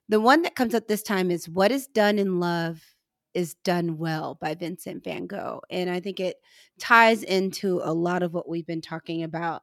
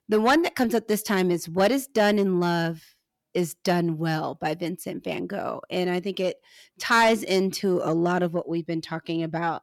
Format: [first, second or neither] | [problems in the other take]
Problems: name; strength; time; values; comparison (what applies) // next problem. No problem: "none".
first | distortion; slight; 10 dB below the speech